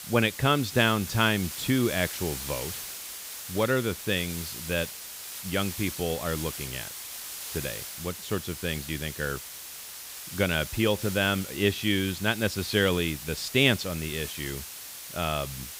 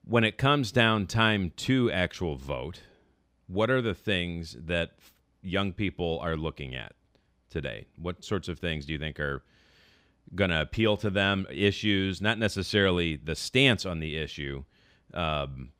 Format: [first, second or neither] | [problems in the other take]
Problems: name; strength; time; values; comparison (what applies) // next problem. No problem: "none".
second | hiss; loud; throughout; 8 dB below the speech